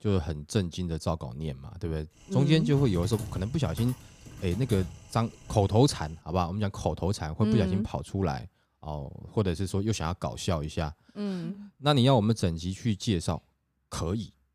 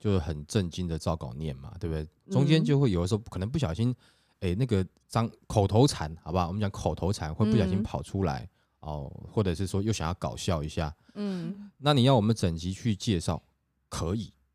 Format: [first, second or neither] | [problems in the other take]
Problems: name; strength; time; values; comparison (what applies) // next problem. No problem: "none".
second | keyboard typing; noticeable; from 2.5 to 6 s; peak 8 dB below the speech